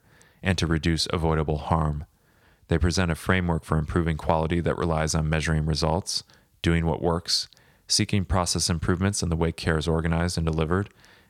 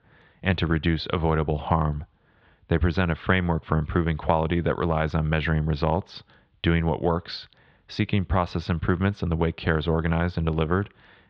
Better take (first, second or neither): first